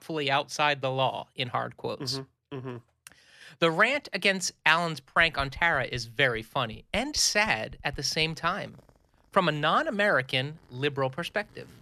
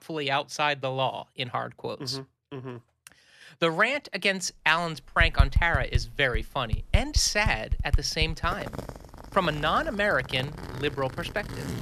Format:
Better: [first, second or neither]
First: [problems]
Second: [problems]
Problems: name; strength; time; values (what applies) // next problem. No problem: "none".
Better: first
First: household noises; faint; from 5 s on; 25 dB below the speech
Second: household noises; loud; from 5 s on; 6 dB below the speech